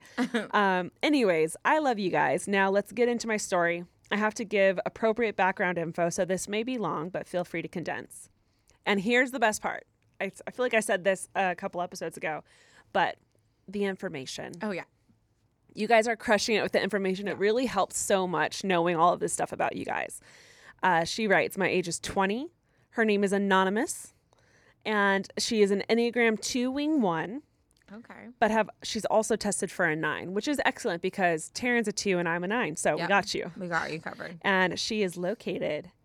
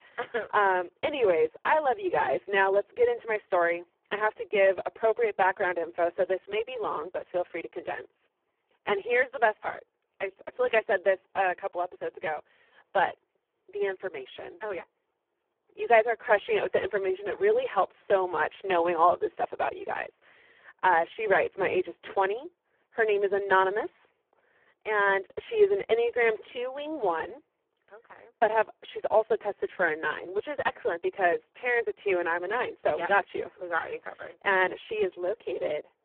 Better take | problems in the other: first | phone-call audio; poor line

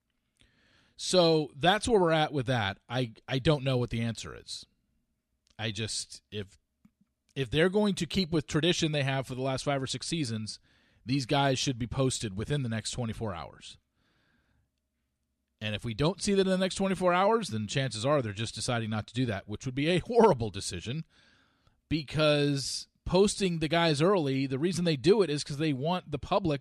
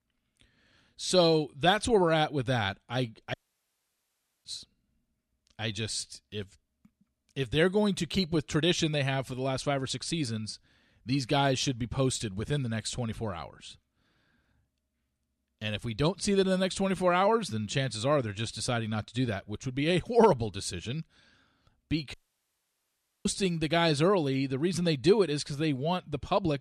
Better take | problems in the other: first | audio cutting out; at 3.5 s for 1 s and at 22 s for 1 s

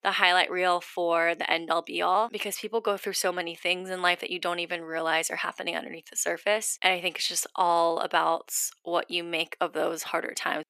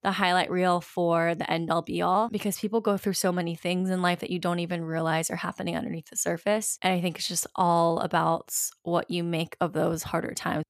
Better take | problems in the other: second | thin; very; fading below 350 Hz

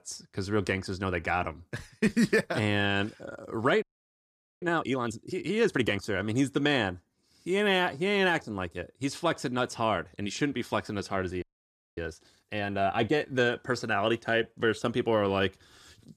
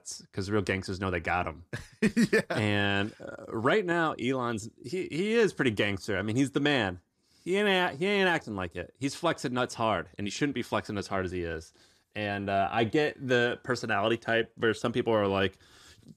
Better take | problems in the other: second | audio freezing; at 4 s for 1 s and at 11 s for 0.5 s

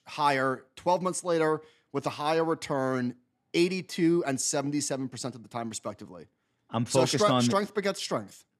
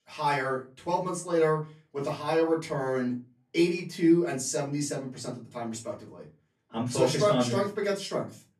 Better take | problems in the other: first | off-mic speech; far // room echo; very slight; dies away in 0.3 s

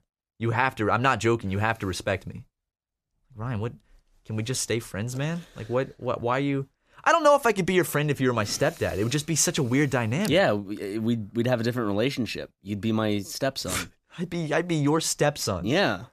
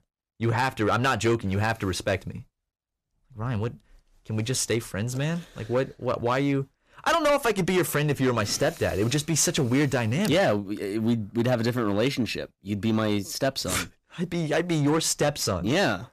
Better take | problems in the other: first | distortion; slight; 6% of the sound clipped

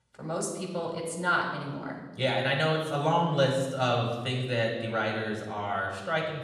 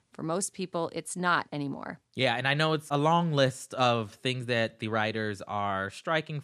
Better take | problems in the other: second | off-mic speech; far // room echo; noticeable; dies away in 1.1 s

